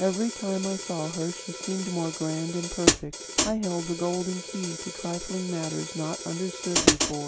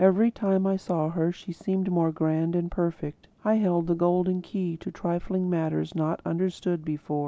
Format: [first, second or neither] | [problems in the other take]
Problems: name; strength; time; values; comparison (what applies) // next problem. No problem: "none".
second | background sound (Hi-hat); as loud as the speech